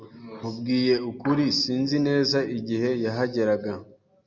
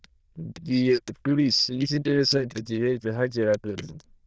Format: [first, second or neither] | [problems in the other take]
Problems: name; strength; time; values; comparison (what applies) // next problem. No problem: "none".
first | noise reduction (neural diffusion model UNIVERSE++)